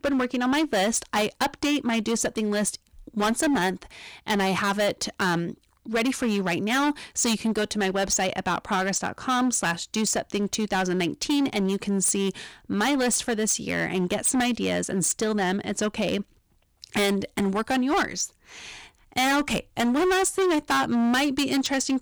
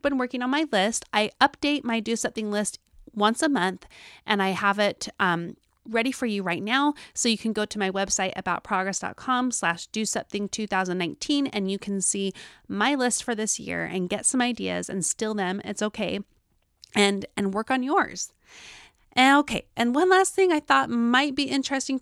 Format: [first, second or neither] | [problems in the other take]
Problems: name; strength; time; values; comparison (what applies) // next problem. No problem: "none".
second | distortion; heavy; 16% of the sound clipped